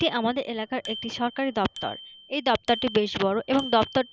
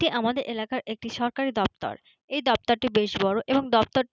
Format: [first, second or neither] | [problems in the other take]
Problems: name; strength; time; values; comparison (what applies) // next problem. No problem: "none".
second | background sound (Bicycle bell); 15 dB below the speech